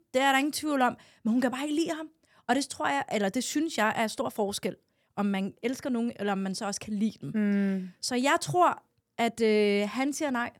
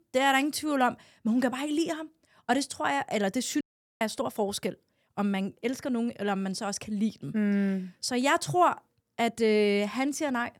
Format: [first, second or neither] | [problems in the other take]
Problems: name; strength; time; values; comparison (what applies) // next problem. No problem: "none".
first | audio cutting out; at 3.5 s